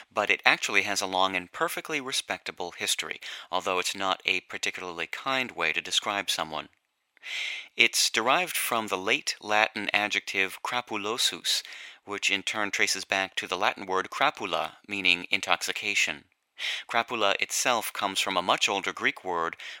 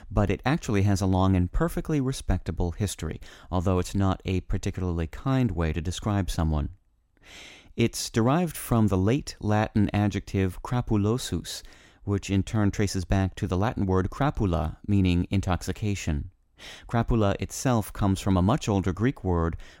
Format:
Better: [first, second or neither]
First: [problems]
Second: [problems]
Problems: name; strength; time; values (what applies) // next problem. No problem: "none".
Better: second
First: thin; very; fading below 750 Hz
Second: none